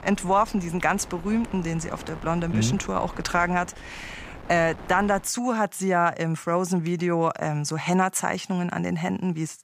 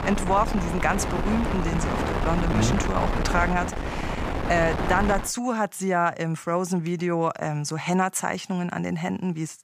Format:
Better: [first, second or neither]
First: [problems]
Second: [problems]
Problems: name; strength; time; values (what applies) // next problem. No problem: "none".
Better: first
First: wind noise on the microphone; occasional gusts; until 5 s; 20 dB below the speech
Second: wind noise on the microphone; heavy; until 5 s; 3 dB below the speech